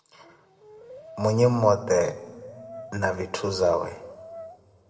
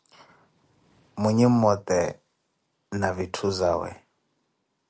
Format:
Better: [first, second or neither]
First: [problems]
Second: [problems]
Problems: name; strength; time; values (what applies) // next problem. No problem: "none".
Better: second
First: background sound (Brass instrument); 19 dB below the speech // room echo; dies away in 1.4 s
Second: none